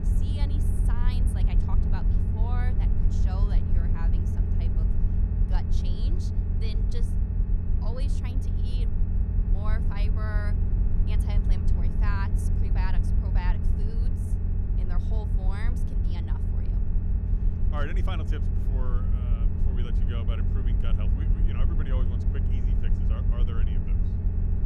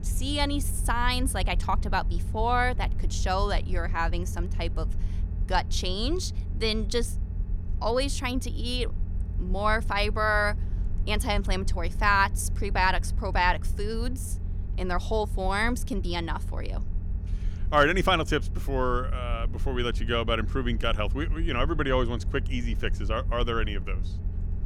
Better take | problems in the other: second | low rumble; loud; throughout; as loud as the speech; faint in the second

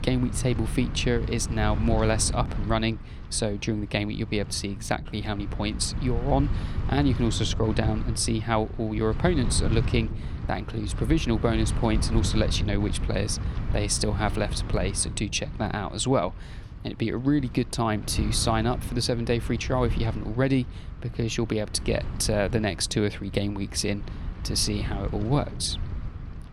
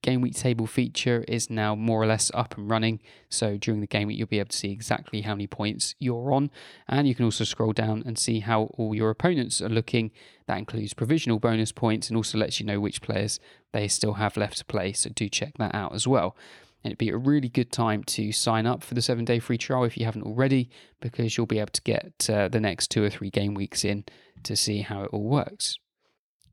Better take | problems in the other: second | wind noise on the microphone; occasional gusts; 15 dB below the speech

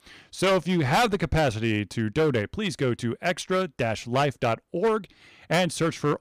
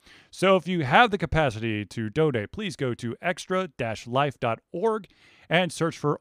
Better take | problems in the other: second | distortion; heavy; 9% of the sound clipped

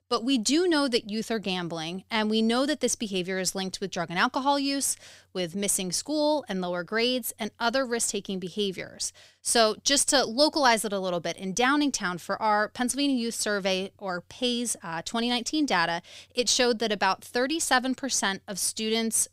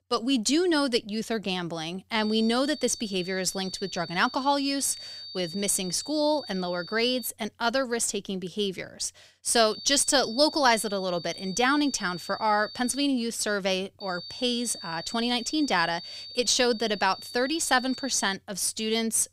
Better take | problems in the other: first | high-pitched whine; noticeable; from 2 to 7.5 s, from 9.5 to 13 s and from 14 to 18 s; 4.5 kHz, 15 dB below the speech

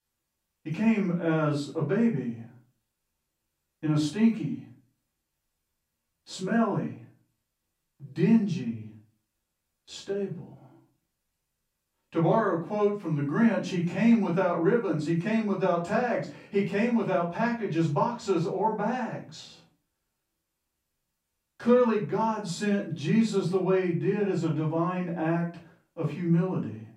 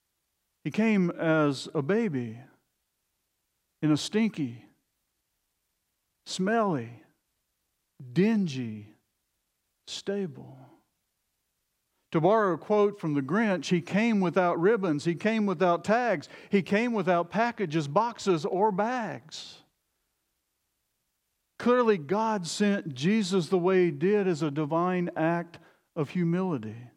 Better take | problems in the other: second | off-mic speech; far // room echo; slight; dies away in 0.3 s

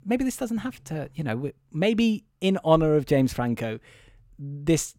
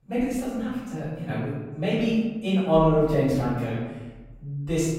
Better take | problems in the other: first | off-mic speech; far // room echo; strong; dies away in 1.1 s

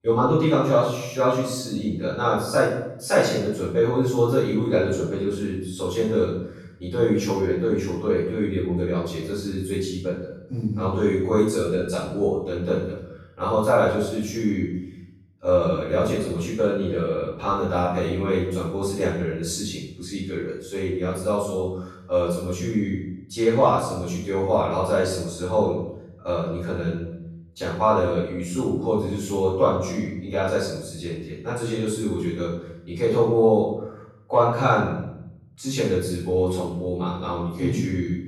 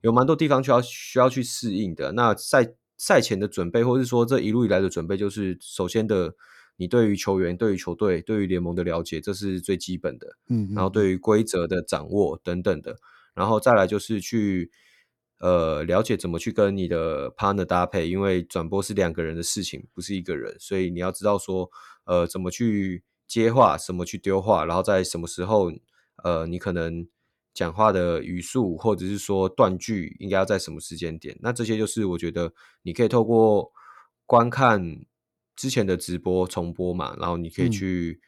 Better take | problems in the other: second | off-mic speech; far // room echo; noticeable; dies away in 0.7 s

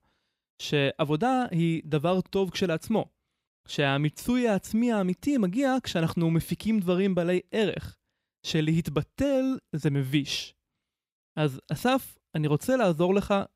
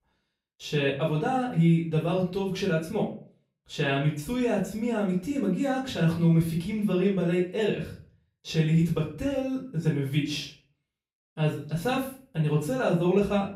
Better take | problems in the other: first | room echo; slight; dies away in 0.4 s // off-mic speech; far

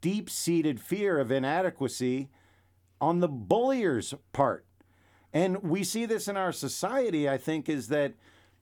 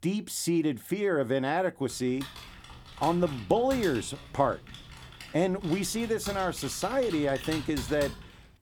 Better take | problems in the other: first | keyboard typing; noticeable; from 2 s on; peak 8 dB below the speech

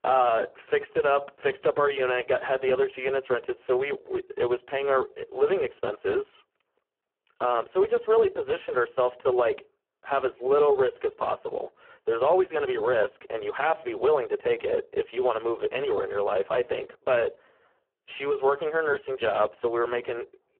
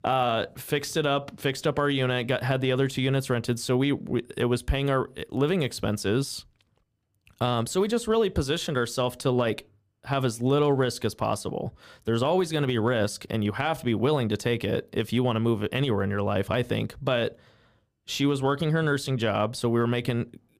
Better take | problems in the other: second | phone-call audio; poor line

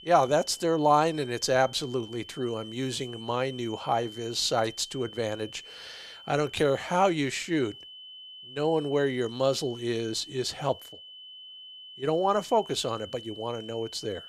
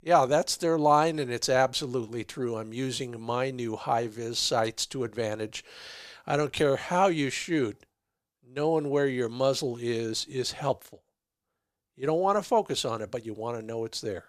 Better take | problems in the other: second | high-pitched whine; noticeable; throughout; 3 kHz, 15 dB below the speech

